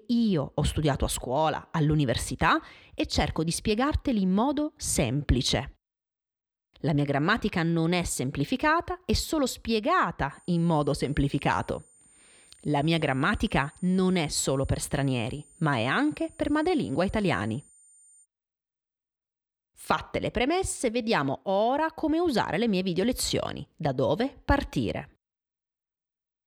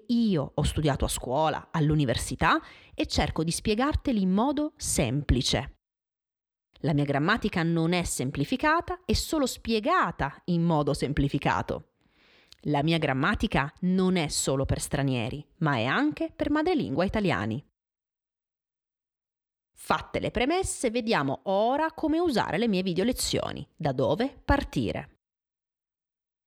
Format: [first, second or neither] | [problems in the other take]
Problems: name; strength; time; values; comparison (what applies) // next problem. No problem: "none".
second | high-pitched whine; faint; from 10 to 18 s; 9 kHz, 25 dB below the speech